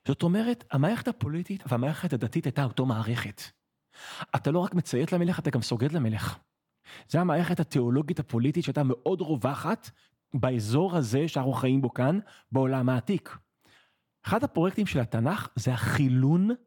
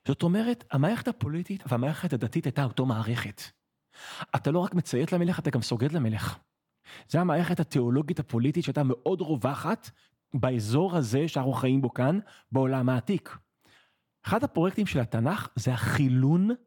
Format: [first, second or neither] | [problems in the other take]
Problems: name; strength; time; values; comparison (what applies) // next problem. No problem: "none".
neither | none